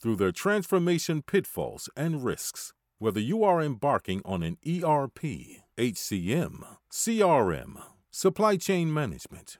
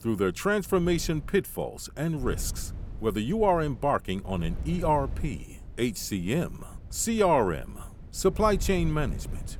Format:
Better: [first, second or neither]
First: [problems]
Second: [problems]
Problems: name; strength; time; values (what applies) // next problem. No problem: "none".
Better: first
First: none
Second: wind noise on the microphone; occasional gusts; 25 dB below the speech